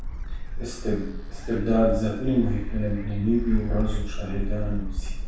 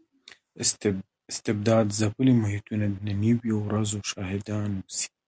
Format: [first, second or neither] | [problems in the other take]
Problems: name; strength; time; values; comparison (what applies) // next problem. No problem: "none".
second | background sound (Gull, seagull); 1 dB below the speech // room echo; dies away in 0.7 s